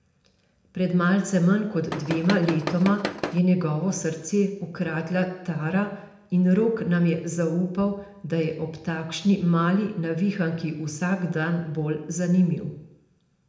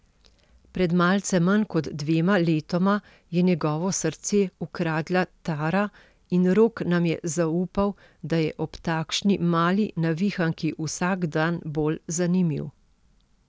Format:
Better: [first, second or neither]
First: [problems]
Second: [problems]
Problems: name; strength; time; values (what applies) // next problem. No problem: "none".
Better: second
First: background sound (Tools); 6 dB below the speech // room echo; dies away in 0.8 s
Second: none